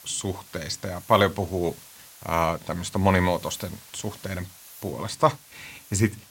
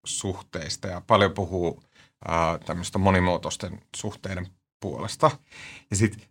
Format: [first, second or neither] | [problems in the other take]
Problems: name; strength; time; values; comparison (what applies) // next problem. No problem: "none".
second | hiss; noticeable; throughout; 20 dB below the speech